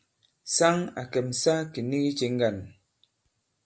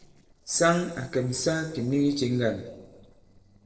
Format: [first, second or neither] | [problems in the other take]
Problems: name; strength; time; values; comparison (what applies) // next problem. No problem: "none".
first | noise reduction (neural separator model SepFormer DNS4)